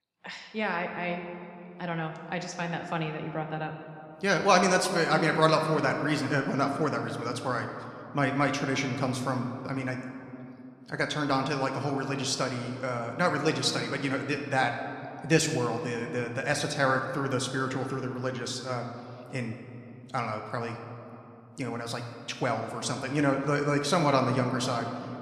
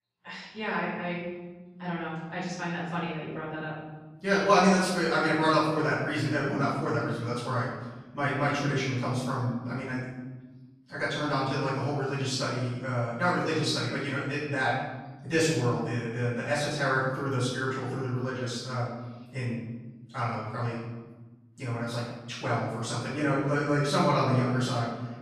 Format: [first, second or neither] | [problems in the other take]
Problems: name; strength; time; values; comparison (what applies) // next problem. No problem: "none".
first | room echo; strong; dies away in 1.3 s; slight in the first // off-mic speech; far